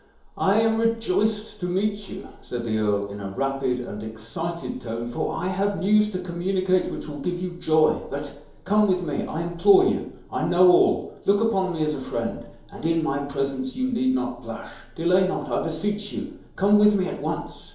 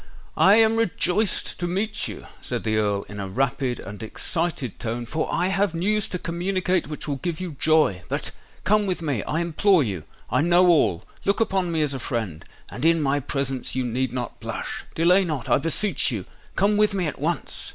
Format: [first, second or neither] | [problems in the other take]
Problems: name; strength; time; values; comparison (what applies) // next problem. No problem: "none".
second | room echo; dies away in 2.8 s